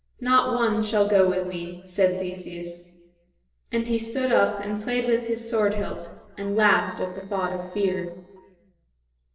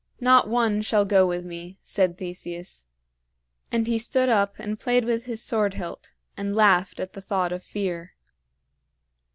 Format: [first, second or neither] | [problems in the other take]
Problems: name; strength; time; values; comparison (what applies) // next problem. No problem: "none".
second | noise reduction (neural separator model SepFormer DNS4)